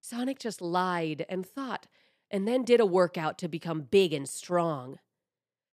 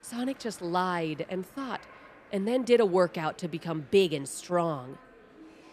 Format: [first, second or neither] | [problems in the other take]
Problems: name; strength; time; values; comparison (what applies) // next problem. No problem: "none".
first | animal sounds; faint; throughout; 25 dB below the speech